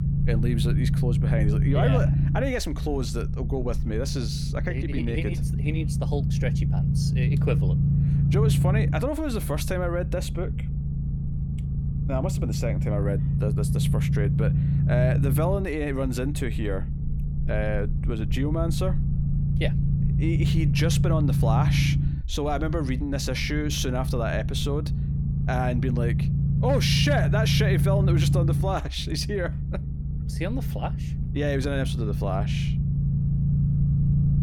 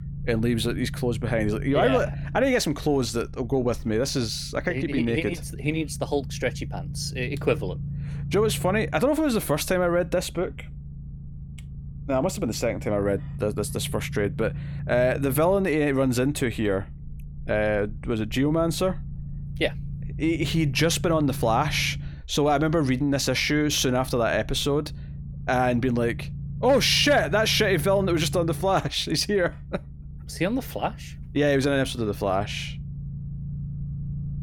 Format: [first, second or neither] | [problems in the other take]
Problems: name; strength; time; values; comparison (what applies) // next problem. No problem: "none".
second | low rumble; loud; throughout; 6 dB below the speech; faint in the second